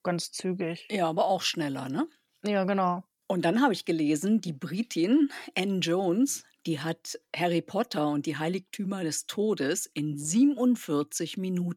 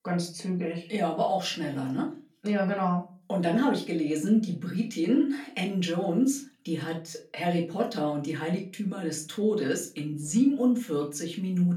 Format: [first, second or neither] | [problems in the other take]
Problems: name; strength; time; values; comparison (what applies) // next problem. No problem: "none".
first | off-mic speech; far // room echo; slight; dies away in 0.3 s